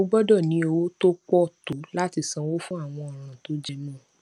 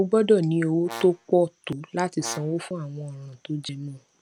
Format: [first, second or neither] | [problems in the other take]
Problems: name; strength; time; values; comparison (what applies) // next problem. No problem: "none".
first | background sound (Brass instrument); 18 dB below the speech